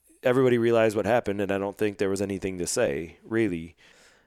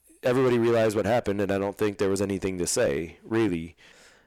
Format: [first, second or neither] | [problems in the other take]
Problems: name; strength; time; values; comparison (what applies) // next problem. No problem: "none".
first | distortion; slight; 10% of the sound clipped